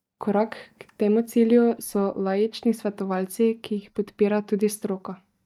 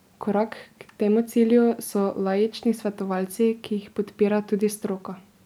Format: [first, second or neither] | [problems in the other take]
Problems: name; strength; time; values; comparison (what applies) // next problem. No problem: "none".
second | noise reduction (neural mask model DeepFilterNet 3)